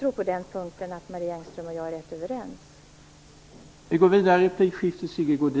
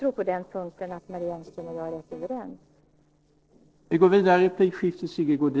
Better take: first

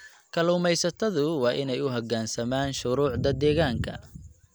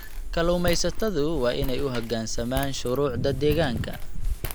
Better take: first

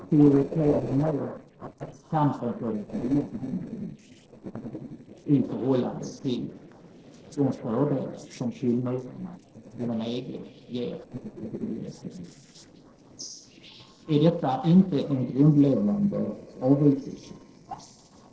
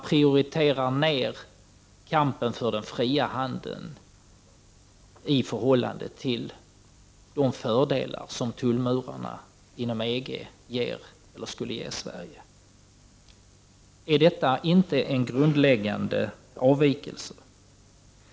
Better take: second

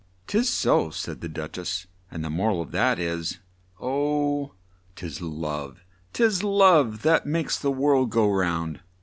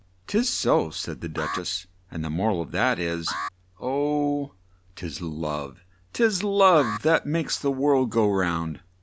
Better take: first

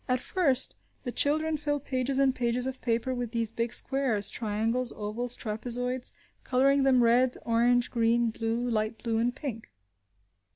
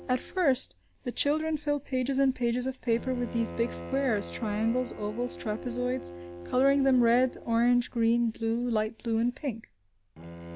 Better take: first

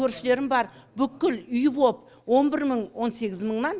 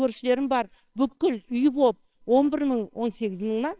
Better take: first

